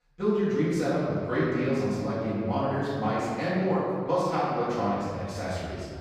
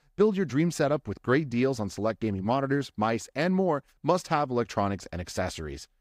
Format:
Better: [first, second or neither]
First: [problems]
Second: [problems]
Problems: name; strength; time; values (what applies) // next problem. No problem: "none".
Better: second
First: off-mic speech; far // room echo; strong; dies away in 2.1 s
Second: none